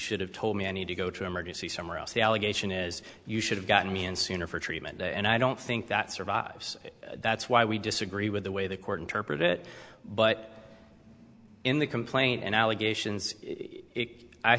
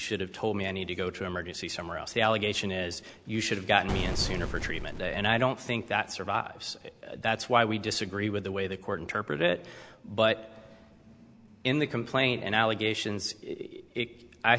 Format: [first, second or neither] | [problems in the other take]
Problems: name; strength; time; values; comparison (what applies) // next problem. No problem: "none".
first | background sound (Boom); 3 dB below the speech